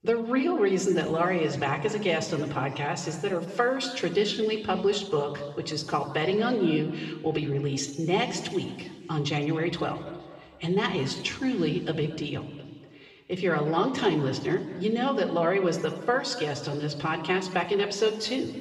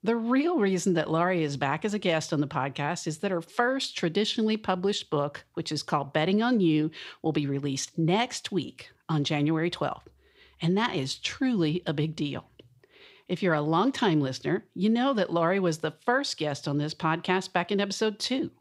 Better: second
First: room echo; noticeable; dies away in 1.7 s // off-mic speech; somewhat distant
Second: none

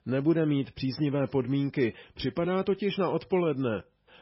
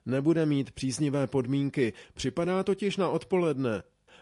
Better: second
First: garbled, watery; badly; nothing above 5.5 kHz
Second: garbled, watery; slightly; nothing above 9 kHz

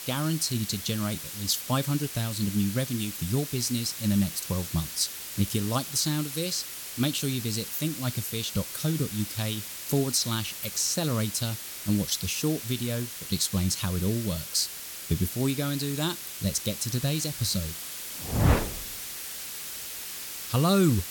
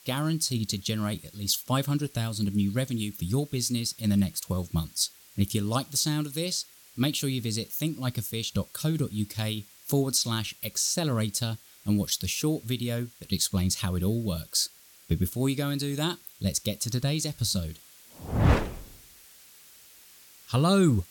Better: second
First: hiss; loud; throughout; 7 dB below the speech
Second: hiss; faint; throughout; 25 dB below the speech

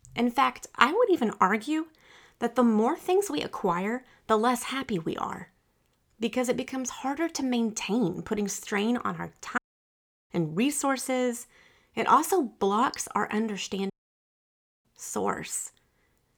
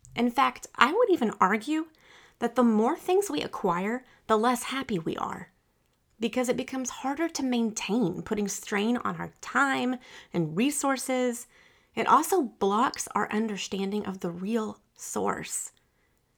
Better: second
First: audio cutting out; at 9.5 s for 0.5 s and at 14 s for 1 s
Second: none

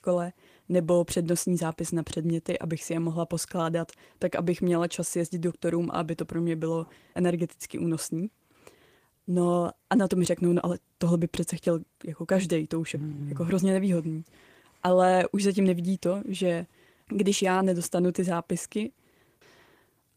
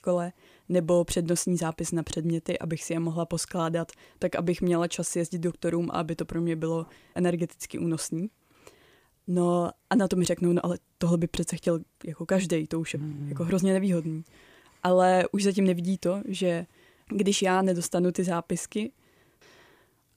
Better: second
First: garbled, watery; slightly; nothing above 15 kHz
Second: none

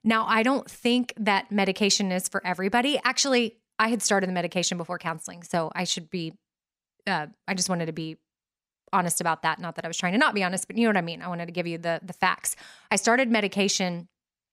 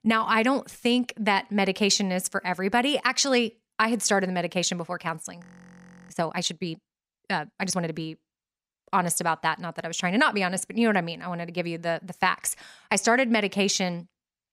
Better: first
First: none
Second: audio freezing; at 5.5 s for 0.5 s

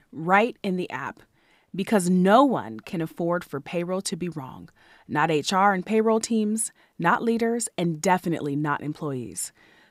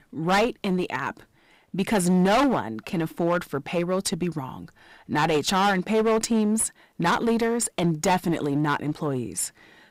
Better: first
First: none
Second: distortion; heavy; 13% of the sound clipped

